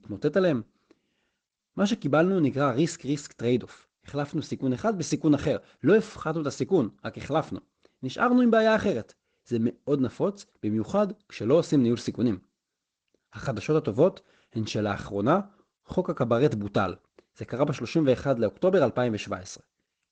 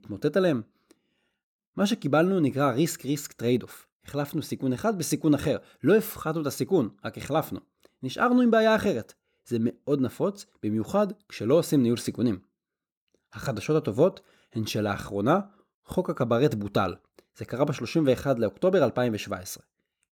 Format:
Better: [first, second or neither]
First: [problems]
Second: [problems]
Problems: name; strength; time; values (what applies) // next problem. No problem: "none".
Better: second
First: garbled, watery; slightly; nothing above 8 kHz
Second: none